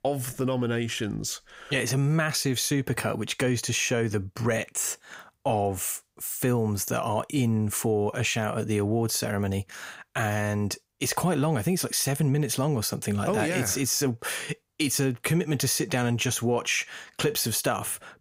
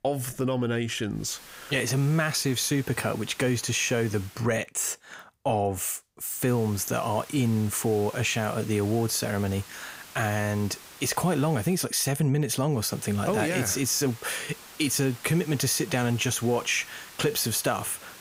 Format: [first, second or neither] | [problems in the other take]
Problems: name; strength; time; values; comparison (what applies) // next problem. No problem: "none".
first | hiss; noticeable; from 1 to 4.5 s, from 6.5 to 12 s and from 13 s on; 20 dB below the speech